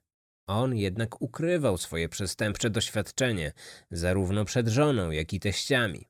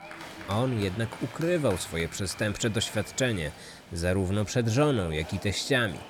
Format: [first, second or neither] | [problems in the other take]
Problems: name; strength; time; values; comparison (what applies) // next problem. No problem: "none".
first | crowd noise; noticeable; throughout; 15 dB below the speech